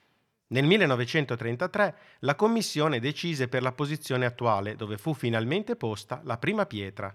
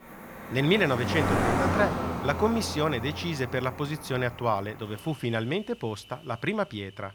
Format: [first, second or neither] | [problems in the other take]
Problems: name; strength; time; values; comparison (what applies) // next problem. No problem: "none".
first | animal sounds; loud; throughout; 2 dB below the speech